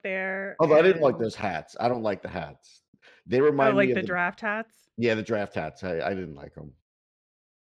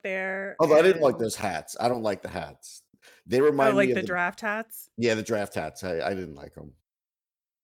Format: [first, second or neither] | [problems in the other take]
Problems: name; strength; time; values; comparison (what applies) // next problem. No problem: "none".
second | muffled; very slightly; fading above 3 kHz